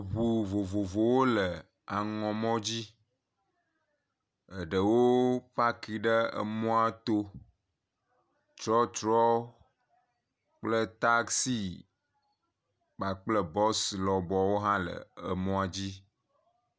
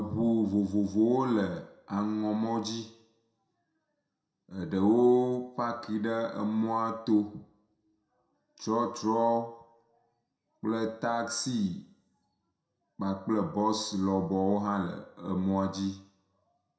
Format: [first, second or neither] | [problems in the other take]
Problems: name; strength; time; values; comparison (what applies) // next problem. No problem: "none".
first | room echo; dies away in 0.6 s